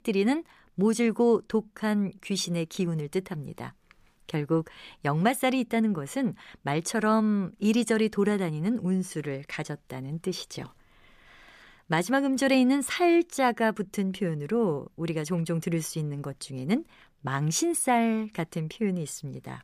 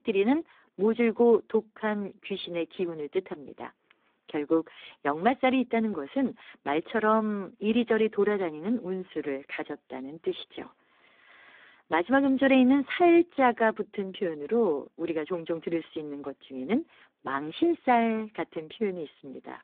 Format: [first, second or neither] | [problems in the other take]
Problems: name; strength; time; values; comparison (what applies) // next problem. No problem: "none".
first | phone-call audio; poor line; nothing above 3.5 kHz